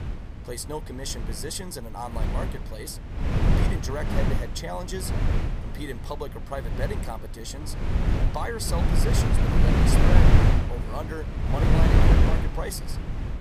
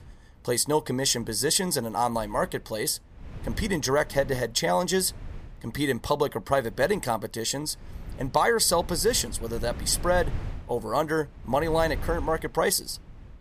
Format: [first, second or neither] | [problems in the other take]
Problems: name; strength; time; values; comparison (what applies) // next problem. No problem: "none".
second | wind noise on the microphone; heavy; 3 dB above the speech; occasional gusts in the second